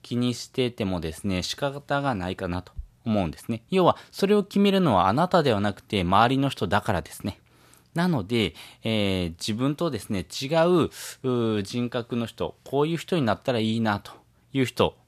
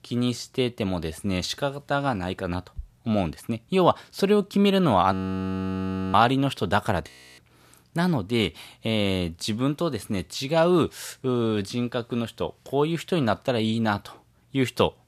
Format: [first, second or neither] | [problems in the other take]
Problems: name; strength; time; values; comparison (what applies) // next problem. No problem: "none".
first | audio freezing; at 5 s for 1 s and at 7 s